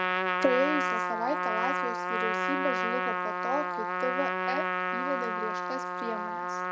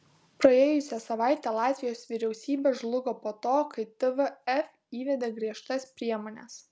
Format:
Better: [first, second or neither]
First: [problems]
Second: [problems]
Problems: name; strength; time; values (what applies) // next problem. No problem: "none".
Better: second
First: background sound (Trumpet); 4 dB above the speech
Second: none